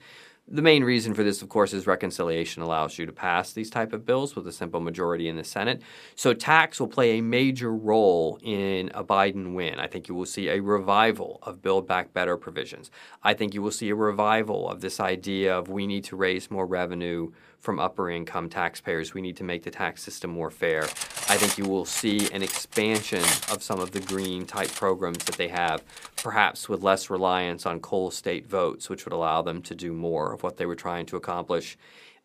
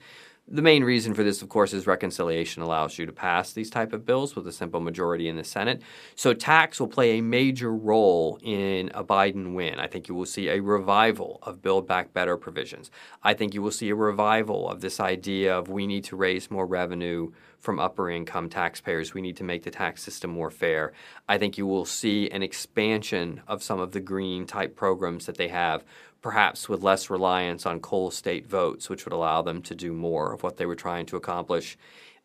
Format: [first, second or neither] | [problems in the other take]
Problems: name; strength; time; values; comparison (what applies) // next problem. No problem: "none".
second | clattering dishes; loud; from 21 to 26 s; peak 4 dB above the speech